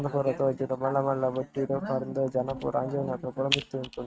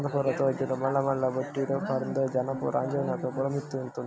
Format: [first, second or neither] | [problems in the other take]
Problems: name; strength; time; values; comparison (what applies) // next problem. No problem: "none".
second | noise reduction (neural mask model RNNoise)